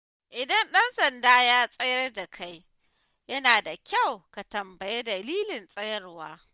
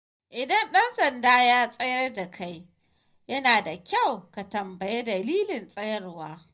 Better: first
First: none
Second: room echo; dies away in 0.4 s

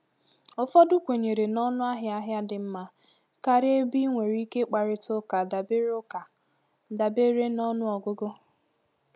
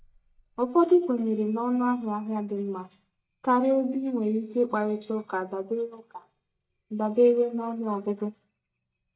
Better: first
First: none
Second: noise reduction (neural mask model DeepFilterNet 3)

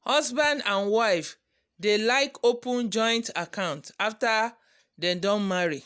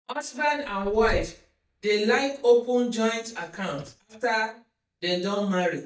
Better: first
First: none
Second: noise reduction (neural mask model DeepFilterNet 3)

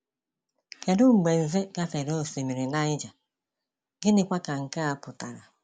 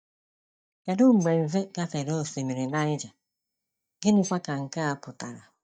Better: first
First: none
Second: noise reduction (neural mask model DeepFilterNet 3)

